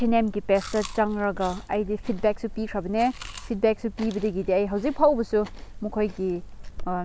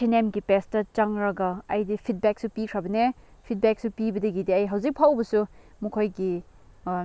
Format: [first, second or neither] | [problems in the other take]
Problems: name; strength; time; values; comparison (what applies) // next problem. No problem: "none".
second | background sound (Chewing, mastication); 10 dB below the speech